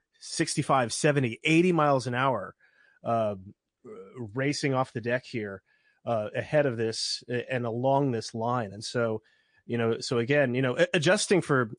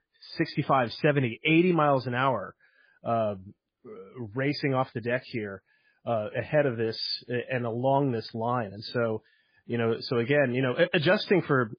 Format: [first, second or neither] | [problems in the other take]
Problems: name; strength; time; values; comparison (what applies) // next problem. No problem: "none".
first | garbled, watery; badly; nothing above 4.5 kHz; slightly in the first